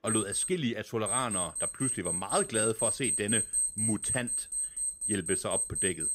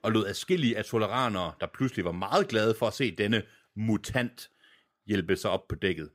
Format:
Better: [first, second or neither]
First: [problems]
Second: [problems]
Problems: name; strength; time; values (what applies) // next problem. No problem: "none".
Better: second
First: alarms or sirens; very loud; throughout; 3 dB above the speech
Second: none